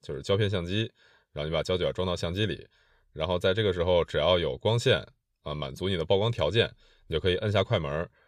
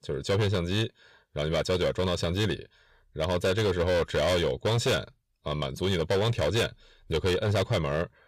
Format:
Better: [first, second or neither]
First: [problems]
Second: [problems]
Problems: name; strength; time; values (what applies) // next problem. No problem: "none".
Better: first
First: none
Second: distortion; heavy; 15% of the sound clipped